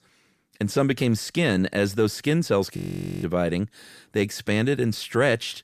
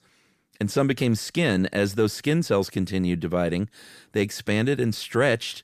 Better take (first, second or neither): second